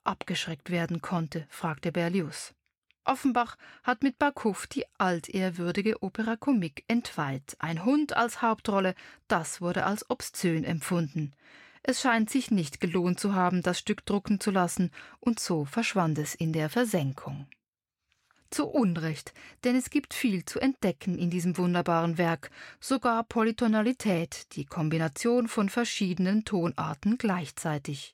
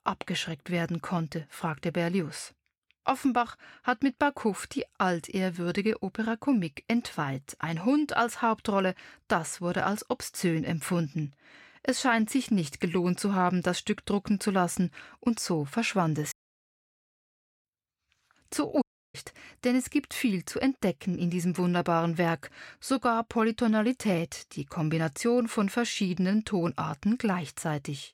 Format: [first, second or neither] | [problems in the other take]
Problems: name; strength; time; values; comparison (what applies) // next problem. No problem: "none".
first | audio cutting out; at 16 s for 1.5 s and at 19 s